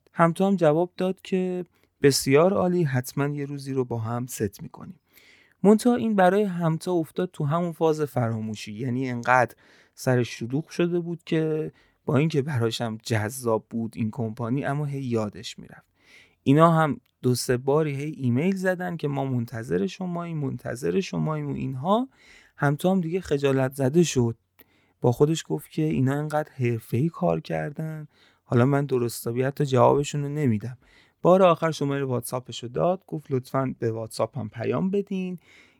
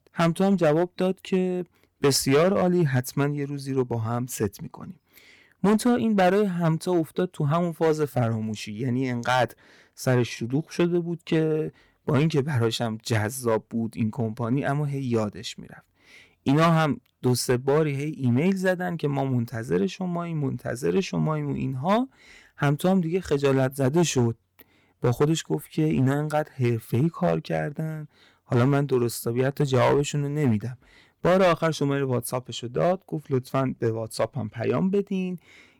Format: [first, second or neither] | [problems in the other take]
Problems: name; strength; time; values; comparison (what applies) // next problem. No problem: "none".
first | distortion; slight; 4% of the sound clipped